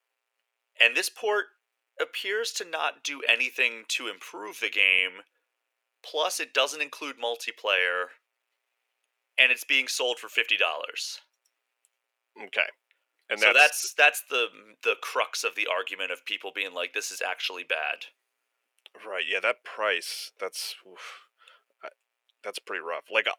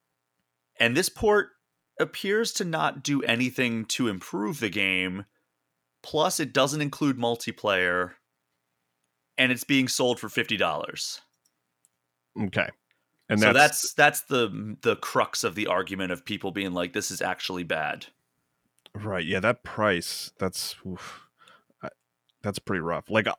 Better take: second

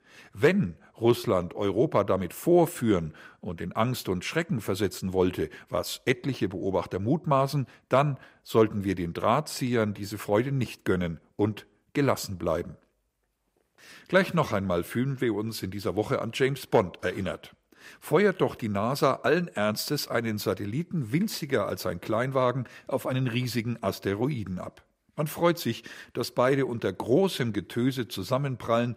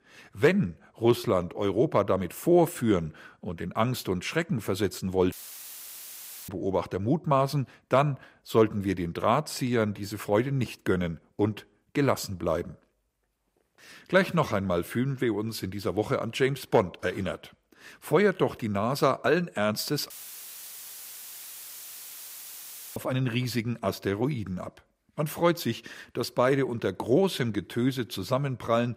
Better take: first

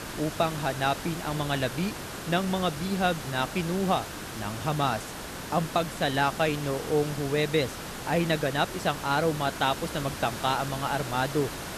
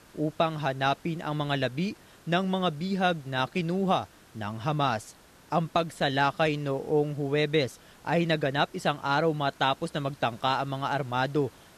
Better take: second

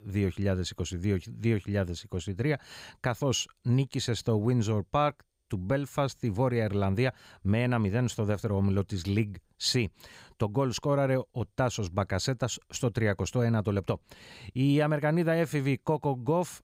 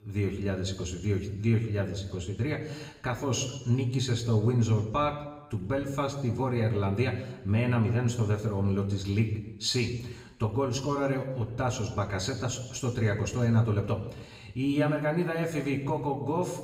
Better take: first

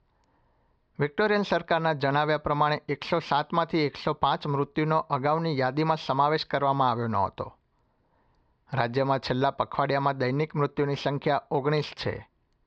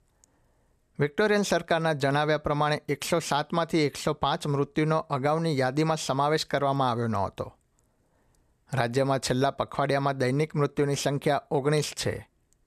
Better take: second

